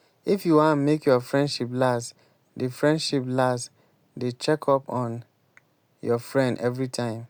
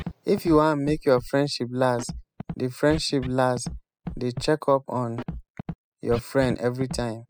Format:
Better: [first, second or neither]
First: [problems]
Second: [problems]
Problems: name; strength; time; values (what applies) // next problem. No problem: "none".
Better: first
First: none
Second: noise reduction (classical method spectral subtraction)